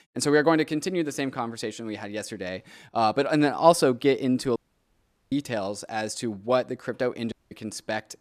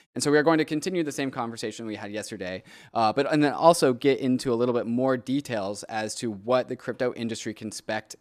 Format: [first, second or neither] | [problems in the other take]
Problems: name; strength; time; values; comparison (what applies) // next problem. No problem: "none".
second | audio cutting out; at 4.5 s for 1 s and at 7.5 s